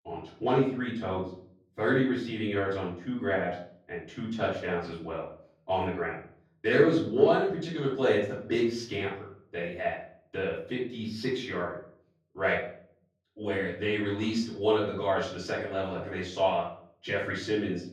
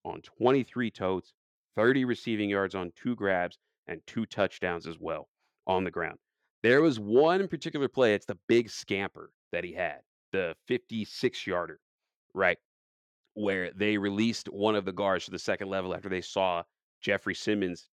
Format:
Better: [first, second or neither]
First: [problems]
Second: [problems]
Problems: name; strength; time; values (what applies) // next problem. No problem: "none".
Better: second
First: off-mic speech; far // room echo; noticeable; dies away in 0.5 s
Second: none